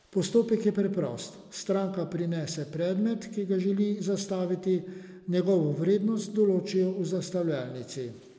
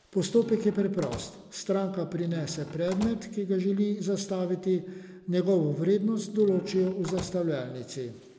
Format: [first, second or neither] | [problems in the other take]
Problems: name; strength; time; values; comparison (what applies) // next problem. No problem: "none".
first | background sound (Squeak / Slam / Wood); 17 dB below the speech